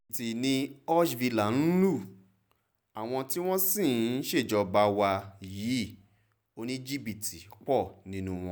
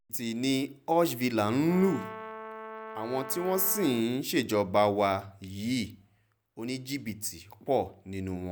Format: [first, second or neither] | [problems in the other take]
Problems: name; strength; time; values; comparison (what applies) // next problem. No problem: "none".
first | background sound (Brass instrument); 12 dB below the speech